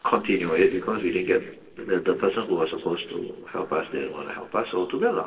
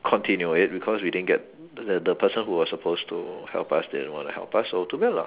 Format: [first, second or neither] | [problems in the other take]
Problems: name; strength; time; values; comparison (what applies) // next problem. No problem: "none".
second | noise reduction (neural separator model SepFormer DNS4)